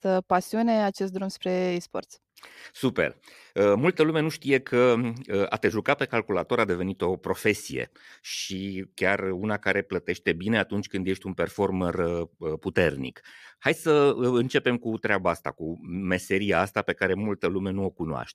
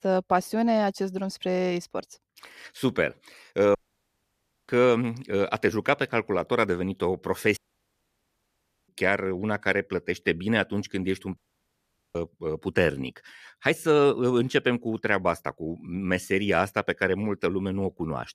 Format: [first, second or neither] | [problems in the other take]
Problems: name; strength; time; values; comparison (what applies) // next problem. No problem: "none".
first | audio cutting out; at 4 s for 1 s, at 7.5 s for 1.5 s and at 11 s for 1 s